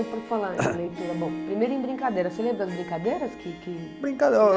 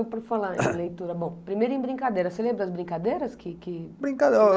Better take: second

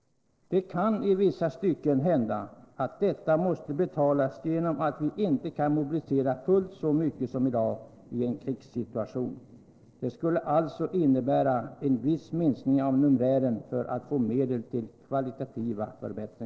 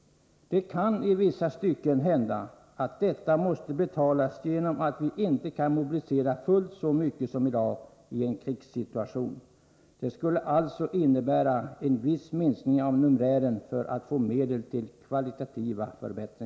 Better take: second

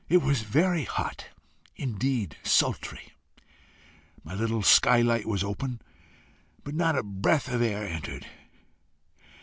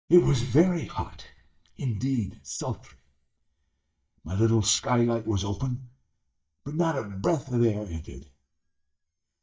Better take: first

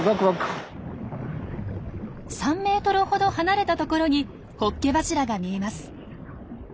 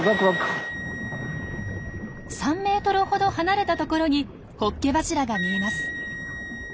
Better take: first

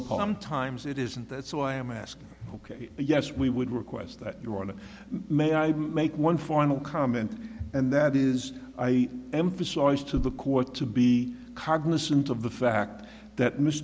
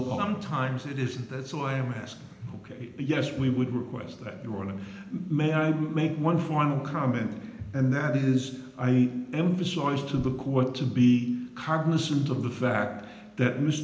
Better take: first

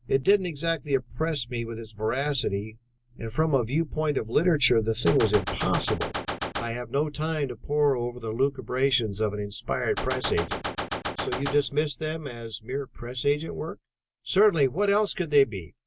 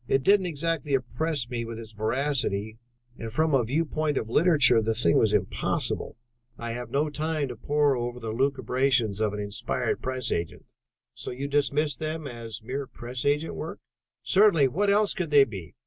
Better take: second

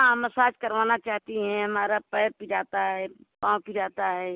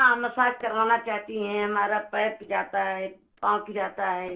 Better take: first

